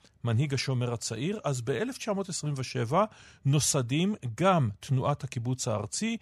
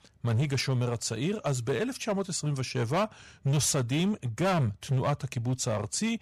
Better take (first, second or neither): first